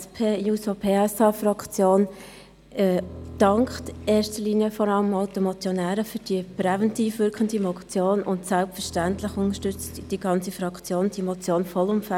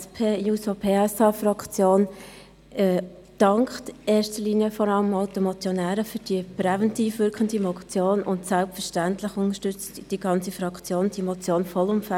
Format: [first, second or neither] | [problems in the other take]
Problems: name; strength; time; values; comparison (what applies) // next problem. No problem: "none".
second | background sound (Bowed string instrument); 17 dB below the speech